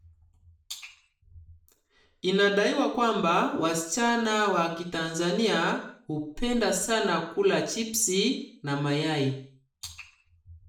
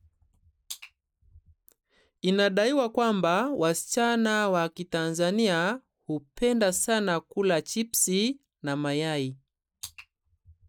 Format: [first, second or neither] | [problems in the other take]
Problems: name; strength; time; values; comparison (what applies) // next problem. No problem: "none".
second | room echo; dies away in 0.5 s